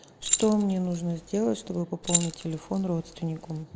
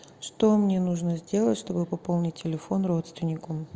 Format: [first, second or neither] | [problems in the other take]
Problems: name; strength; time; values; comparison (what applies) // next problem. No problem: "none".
second | background sound (Keys jangling); 4 dB below the speech